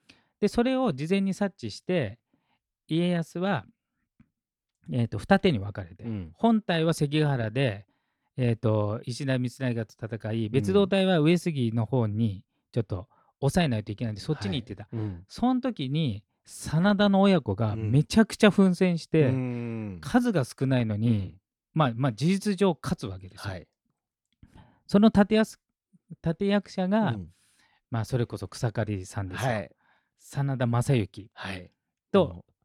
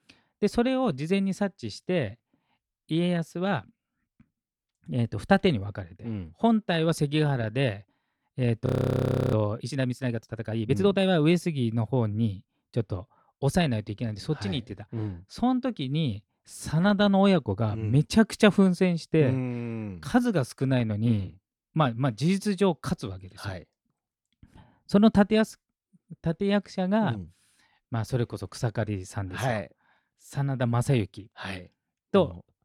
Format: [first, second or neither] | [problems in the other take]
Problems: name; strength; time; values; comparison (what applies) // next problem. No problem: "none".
first | audio freezing; at 8.5 s for 0.5 s